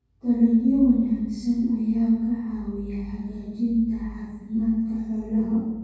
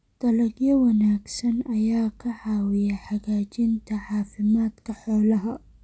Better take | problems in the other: second | room echo; dies away in 1.3 s

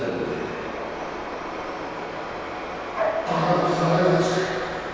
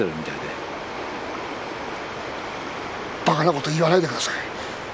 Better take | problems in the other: second | background sound (Bark / Bird vocalization, bird call, bird song); 10 dB below the speech // room echo; dies away in 2.2 s

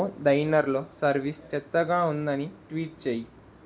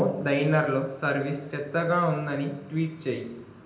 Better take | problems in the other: first | room echo; dies away in 0.8 s

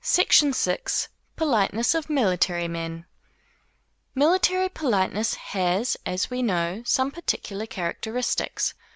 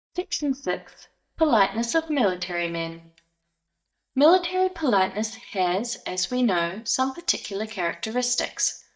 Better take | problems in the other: first | noise reduction (neural mask model DeepFilterNet 3)

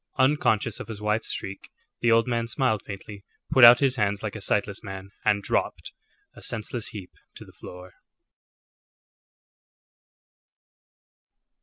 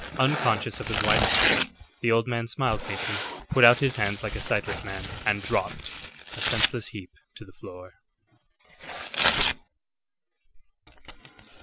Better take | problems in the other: first | background sound (Tearing); 2 dB below the speech

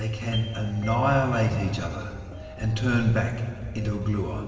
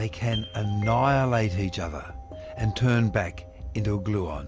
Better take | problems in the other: second | room echo; dies away in 2.3 s

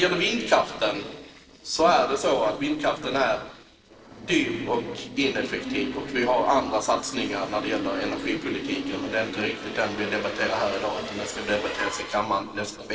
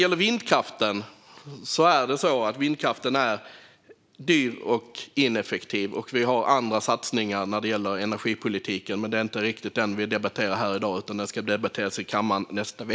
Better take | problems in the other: second | noise reduction (neural separator model SepFormer DNS4)

